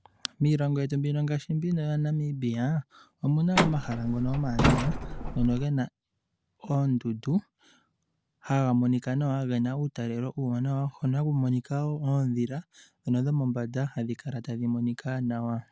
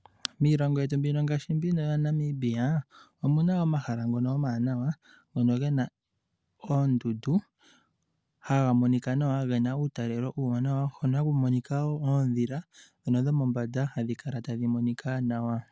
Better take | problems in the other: second | background sound (Truck); as loud as the speech

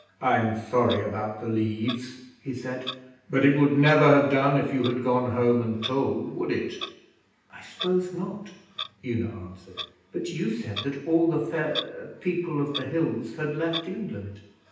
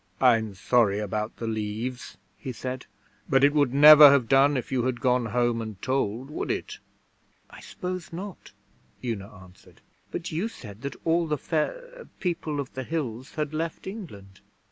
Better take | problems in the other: second | background sound (Clock); 16 dB below the speech // room echo; dies away in 0.9 s

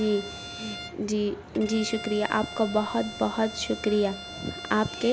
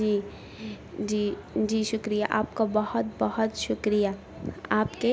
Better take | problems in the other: second | background sound (Bowed string instrument); 13 dB below the speech

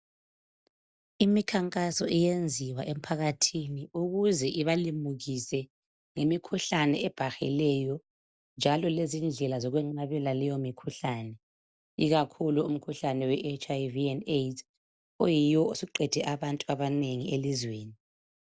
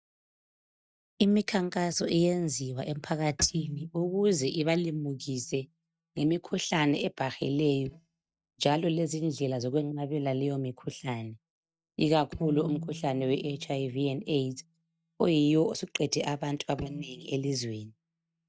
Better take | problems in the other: first | noise reduction (neural mask model DeepFilterNet 3)

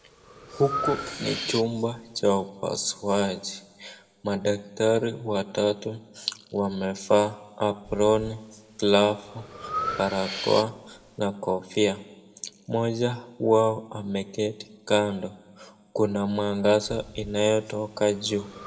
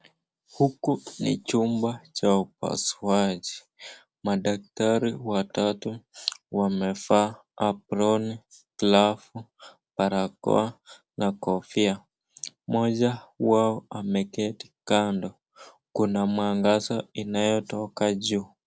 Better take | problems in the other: second | background sound (Breathing); 14 dB below the speech // room echo; dies away in 1 s

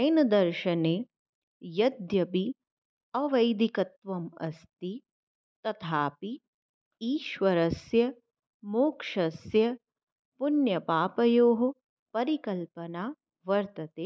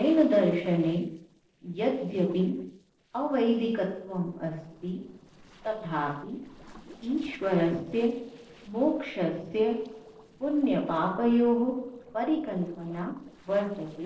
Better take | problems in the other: first | noise reduction (neural separator model SepFormer DNS4)

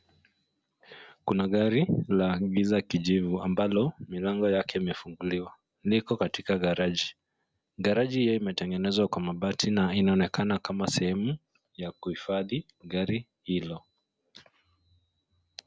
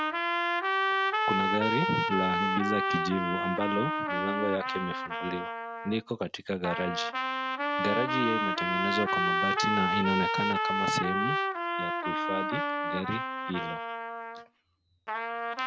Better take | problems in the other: first | background sound (Trumpet); 3 dB above the speech

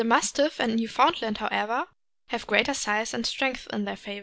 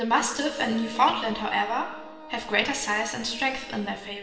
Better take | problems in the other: first | background sound (Wind instrument, woodwind instrument); 18 dB below the speech // room echo; dies away in 1.4 s

